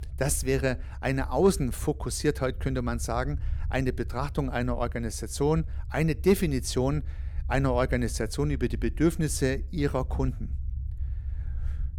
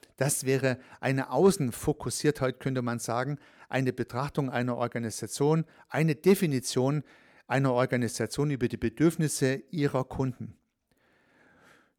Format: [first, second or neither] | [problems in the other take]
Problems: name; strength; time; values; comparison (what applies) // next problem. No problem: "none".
second | low rumble; faint; throughout; 25 dB below the speech